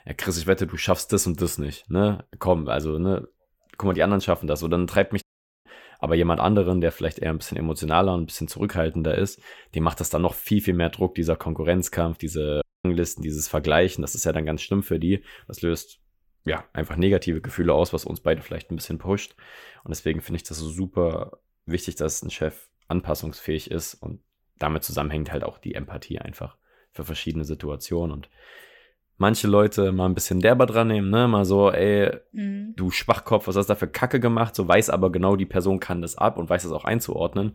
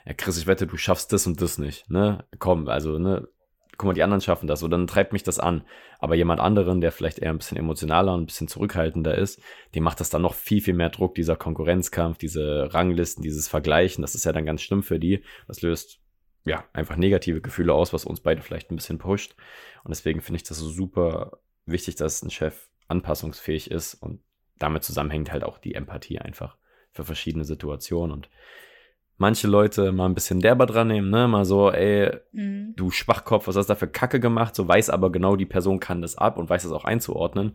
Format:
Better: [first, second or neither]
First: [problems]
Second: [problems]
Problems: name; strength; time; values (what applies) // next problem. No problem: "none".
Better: second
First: audio cutting out; at 5 s and at 13 s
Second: none